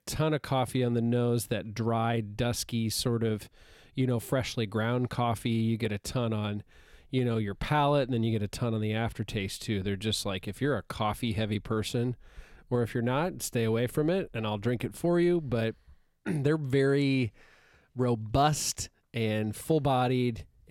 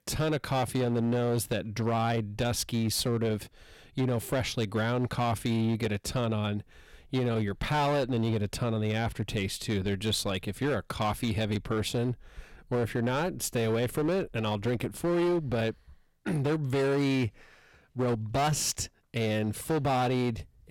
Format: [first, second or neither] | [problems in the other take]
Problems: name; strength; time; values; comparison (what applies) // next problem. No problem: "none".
first | distortion; slight; 14% of the sound clipped